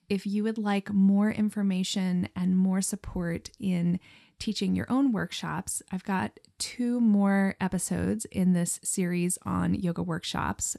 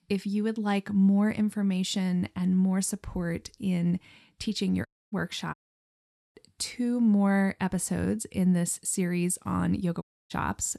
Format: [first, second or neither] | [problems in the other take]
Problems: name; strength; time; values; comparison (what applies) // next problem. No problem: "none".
first | audio cutting out; at 5 s, at 5.5 s for 1 s and at 10 s